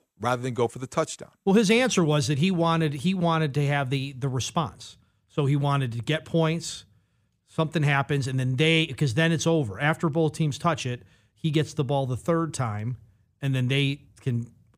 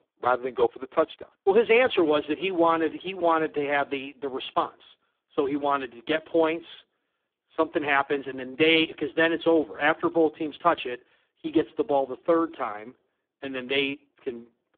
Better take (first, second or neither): first